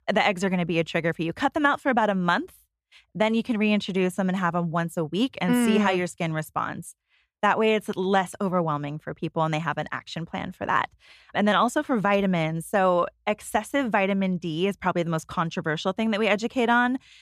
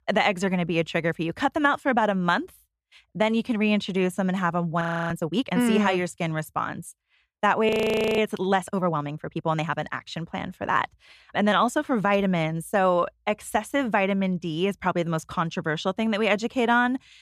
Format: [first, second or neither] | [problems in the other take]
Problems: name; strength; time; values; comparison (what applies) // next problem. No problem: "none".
first | audio freezing; at 5 s and at 7.5 s